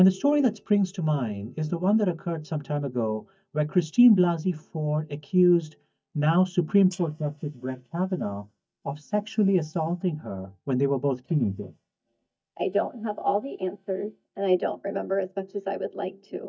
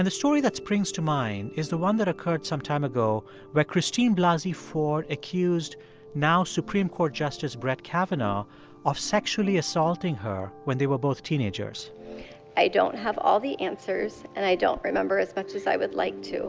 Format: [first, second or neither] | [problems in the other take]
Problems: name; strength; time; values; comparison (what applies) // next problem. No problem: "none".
second | noise reduction (neural mask model DeepFilterNet 3)